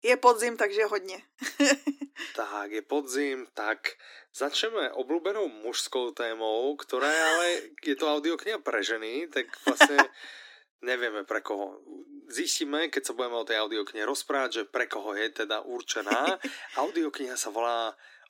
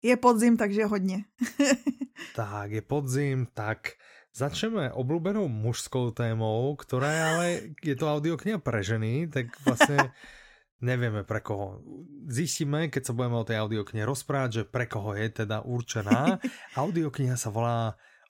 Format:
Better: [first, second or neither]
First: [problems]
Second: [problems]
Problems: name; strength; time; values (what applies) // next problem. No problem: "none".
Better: second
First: thin; somewhat; fading below 300 Hz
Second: none